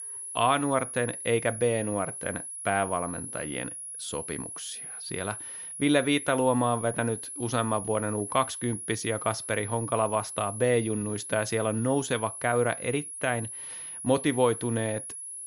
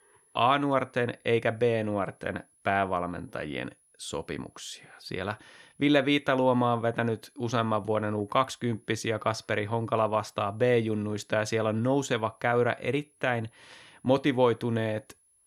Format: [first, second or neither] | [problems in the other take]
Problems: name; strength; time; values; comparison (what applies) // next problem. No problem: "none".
second | high-pitched whine; loud; throughout; 10.5 kHz, 8 dB below the speech; faint in the second